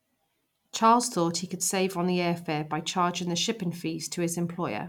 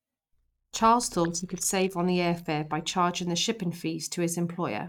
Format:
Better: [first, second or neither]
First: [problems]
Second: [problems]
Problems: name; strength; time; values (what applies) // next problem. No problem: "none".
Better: first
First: none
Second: noise reduction (neural mask model DeepFilterNet 3)